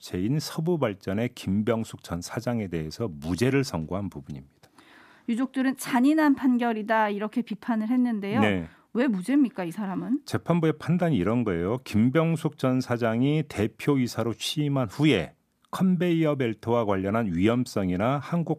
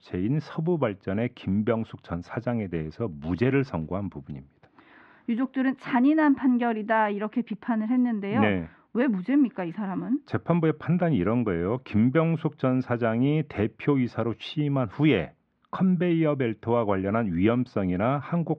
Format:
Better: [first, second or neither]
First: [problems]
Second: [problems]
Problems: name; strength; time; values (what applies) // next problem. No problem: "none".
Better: first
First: none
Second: muffled; very; fading above 3 kHz